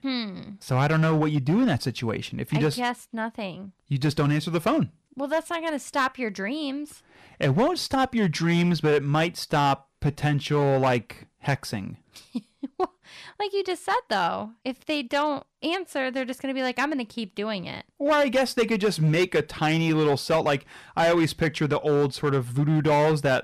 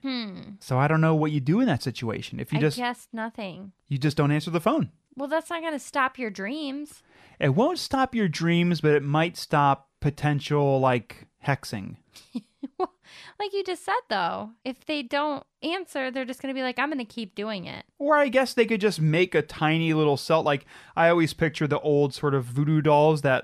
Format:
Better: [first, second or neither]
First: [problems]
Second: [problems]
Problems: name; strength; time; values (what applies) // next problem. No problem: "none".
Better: second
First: distortion; slight; 6% of the sound clipped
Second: none